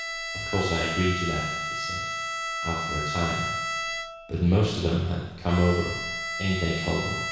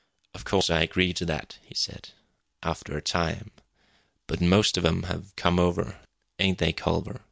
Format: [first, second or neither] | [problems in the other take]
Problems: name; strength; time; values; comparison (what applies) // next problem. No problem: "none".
second | background sound (Bowed string instrument); 4 dB below the speech // room echo; dies away in 1.1 s